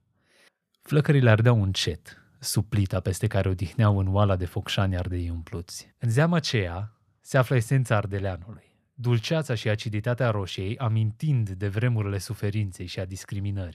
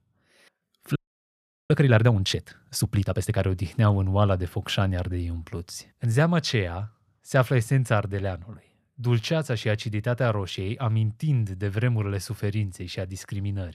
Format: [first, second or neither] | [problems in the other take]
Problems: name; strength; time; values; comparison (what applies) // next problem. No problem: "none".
first | audio freezing; at 1 s for 0.5 s